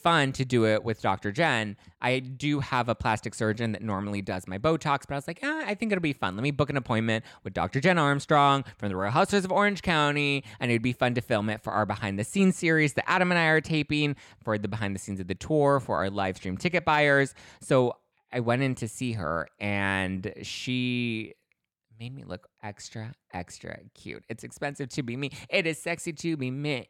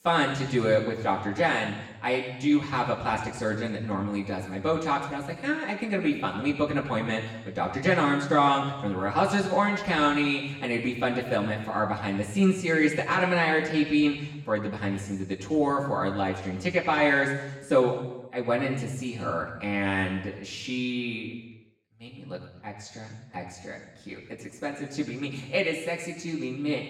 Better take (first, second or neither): first